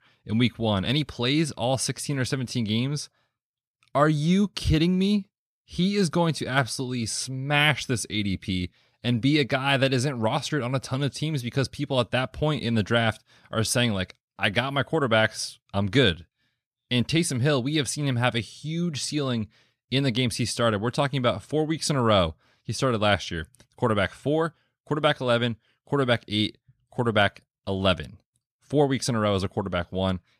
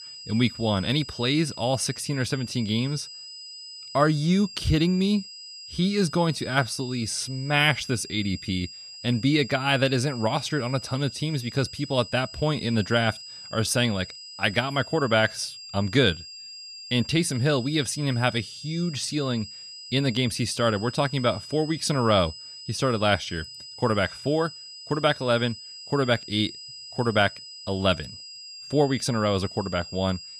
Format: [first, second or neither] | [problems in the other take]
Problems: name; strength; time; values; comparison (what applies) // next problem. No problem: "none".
first | high-pitched whine; noticeable; throughout; 5 kHz, 15 dB below the speech